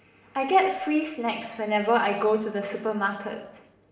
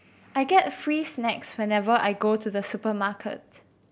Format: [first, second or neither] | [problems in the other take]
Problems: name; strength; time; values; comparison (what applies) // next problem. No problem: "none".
second | room echo; dies away in 0.8 s